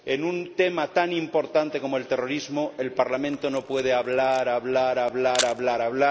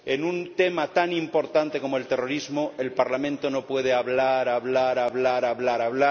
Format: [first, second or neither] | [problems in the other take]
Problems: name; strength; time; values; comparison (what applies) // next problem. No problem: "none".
second | background sound (Camera); 13 dB below the speech